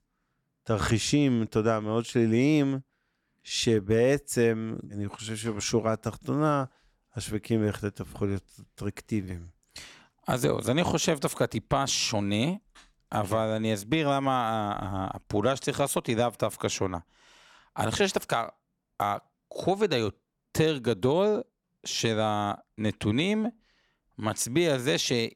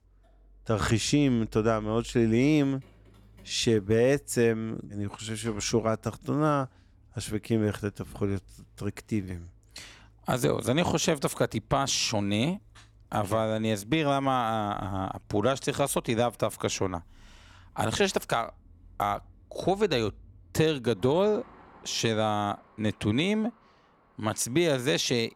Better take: first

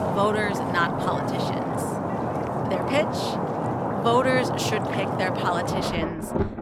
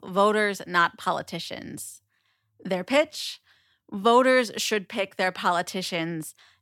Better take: second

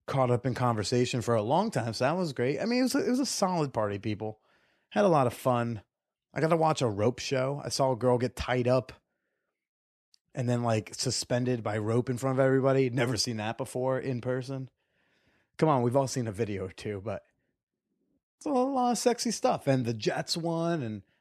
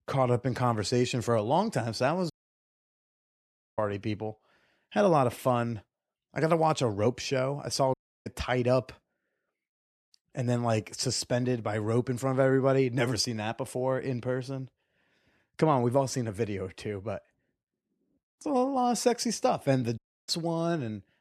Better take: first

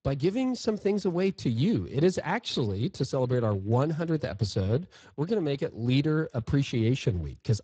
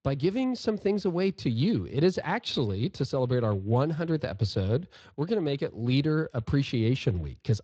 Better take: second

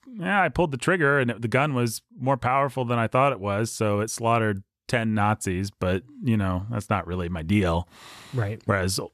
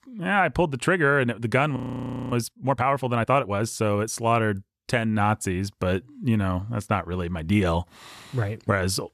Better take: first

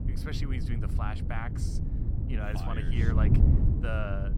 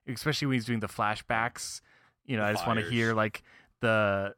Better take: second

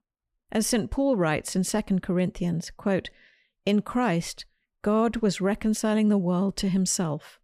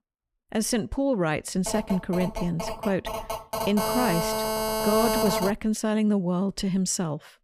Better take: first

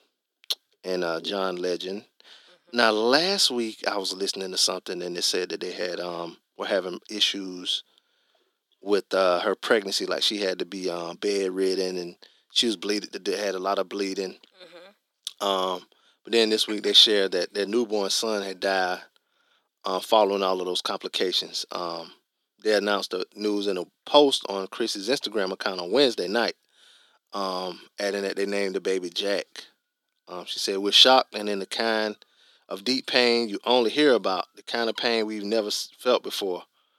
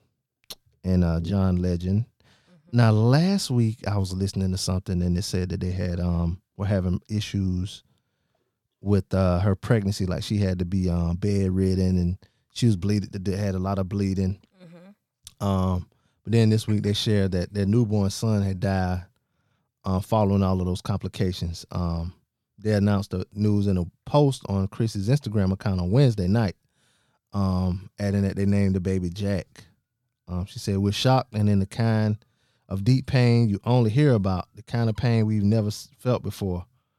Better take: second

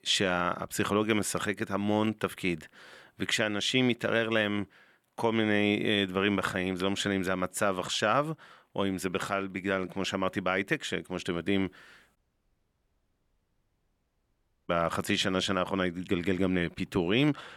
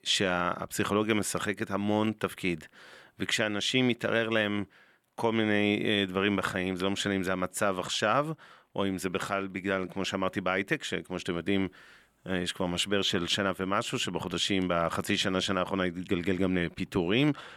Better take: second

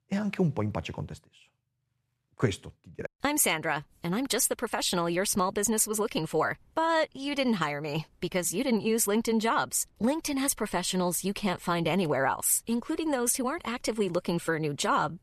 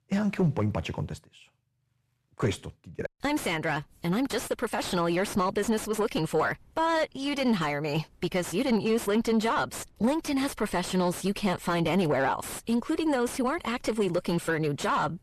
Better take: first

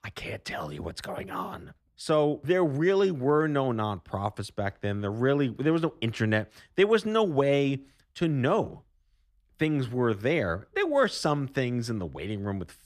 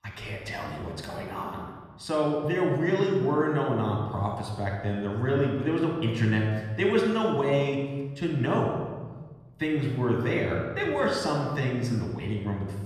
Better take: first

